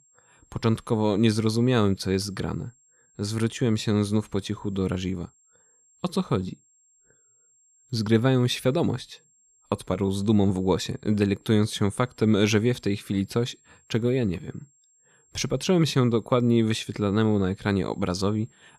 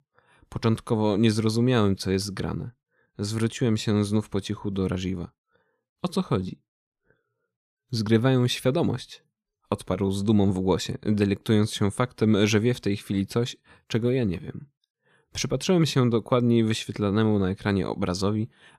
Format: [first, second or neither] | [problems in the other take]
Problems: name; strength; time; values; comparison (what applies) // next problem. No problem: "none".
second | high-pitched whine; faint; throughout; 7.5 kHz, 35 dB below the speech